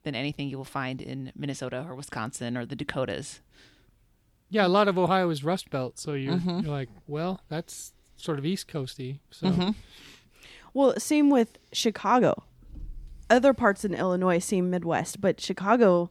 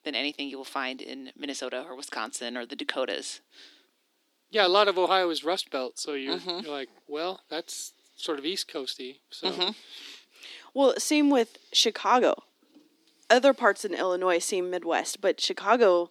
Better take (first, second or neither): first